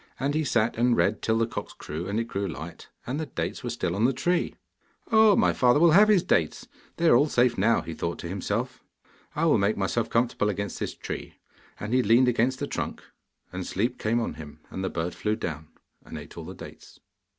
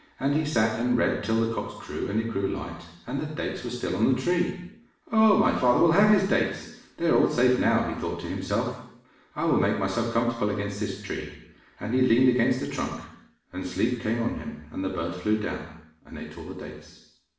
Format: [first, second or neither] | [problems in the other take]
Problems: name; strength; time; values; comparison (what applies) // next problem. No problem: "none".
first | room echo; dies away in 0.7 s